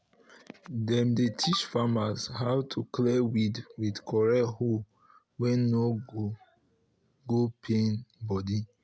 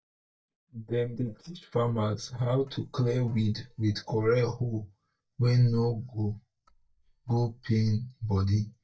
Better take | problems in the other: first | noise reduction (neural mask model DeepFilterNet 3)

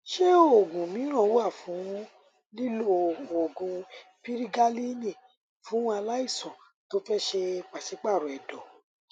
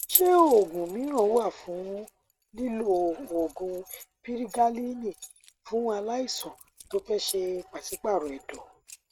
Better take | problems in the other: first | noise reduction (neural mask model RNNoise)

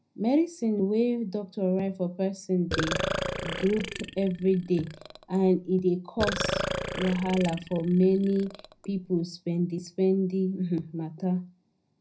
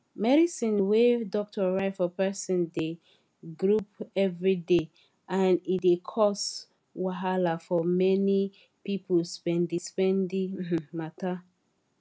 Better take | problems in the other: second | background sound (Burping, eructation); 7 dB below the speech // room echo; dies away in 0.3 s

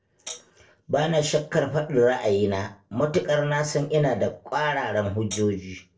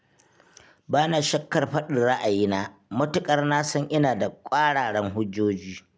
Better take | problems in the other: second | noise reduction (neural separator model SepFormer DNS4)

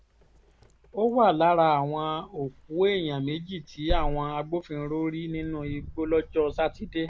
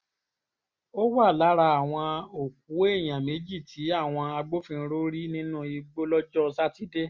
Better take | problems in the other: second | background sound (Wind); 10 dB below the speech

